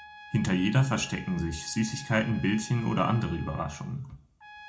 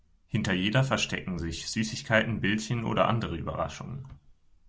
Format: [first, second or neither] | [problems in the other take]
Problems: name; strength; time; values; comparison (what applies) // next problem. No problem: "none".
second | background sound (Trumpet); 19 dB below the speech // room echo; dies away in 0.3 s